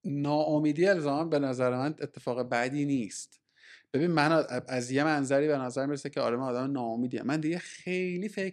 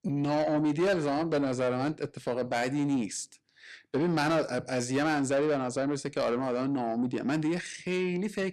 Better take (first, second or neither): first